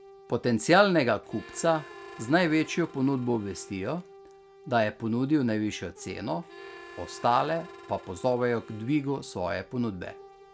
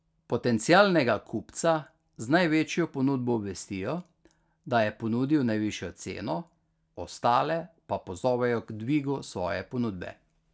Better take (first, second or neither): second